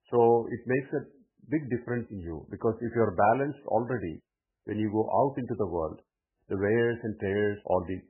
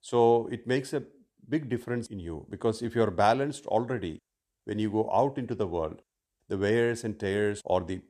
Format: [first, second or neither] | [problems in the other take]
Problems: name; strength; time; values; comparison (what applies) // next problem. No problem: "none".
second | garbled, watery; badly; nothing above 2.5 kHz